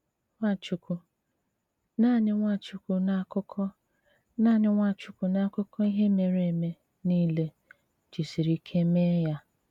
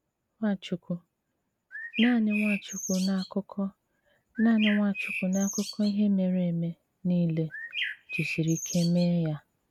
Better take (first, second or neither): first